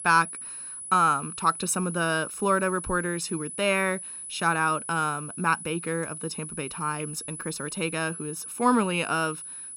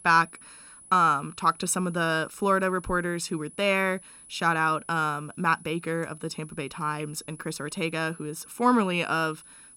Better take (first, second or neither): second